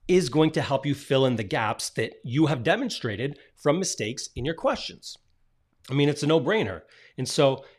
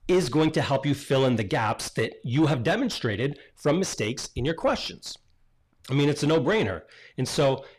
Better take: first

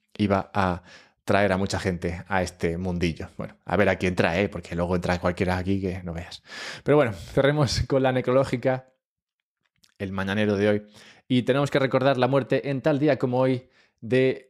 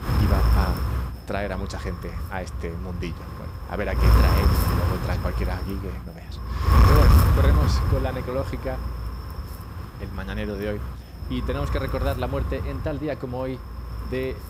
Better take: first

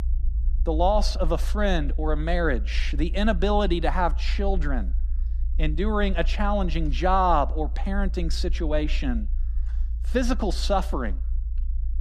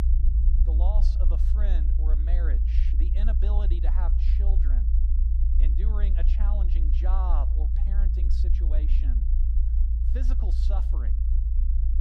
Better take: first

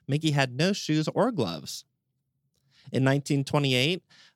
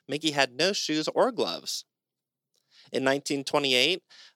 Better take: first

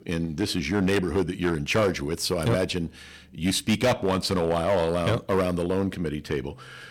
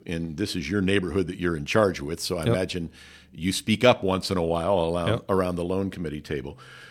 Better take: second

